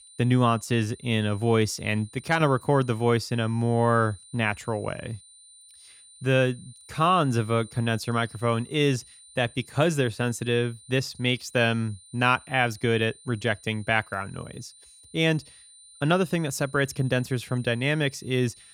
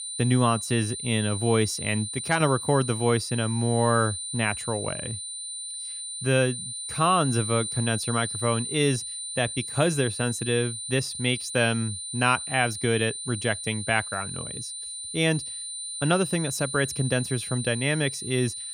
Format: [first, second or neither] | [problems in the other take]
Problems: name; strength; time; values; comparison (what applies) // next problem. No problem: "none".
first | high-pitched whine; loud; throughout; 9 kHz, 6 dB below the speech; faint in the first